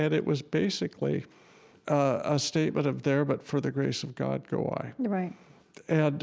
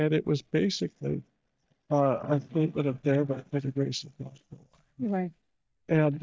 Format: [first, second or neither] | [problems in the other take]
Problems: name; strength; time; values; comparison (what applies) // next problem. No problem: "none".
first | noise reduction (neural mask model DeepFilterNet 3)